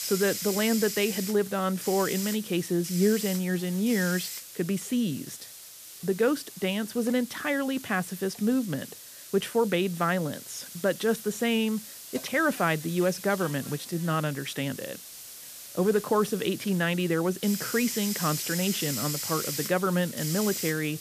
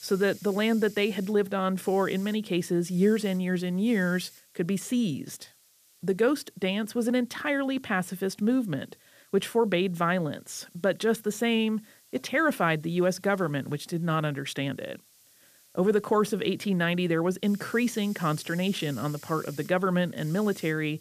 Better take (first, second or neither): second